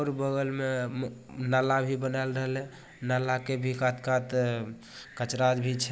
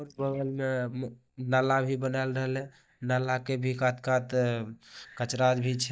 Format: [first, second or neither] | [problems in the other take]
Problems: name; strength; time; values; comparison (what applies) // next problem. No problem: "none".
first | noise reduction (neural mask model DeepFilterNet 3)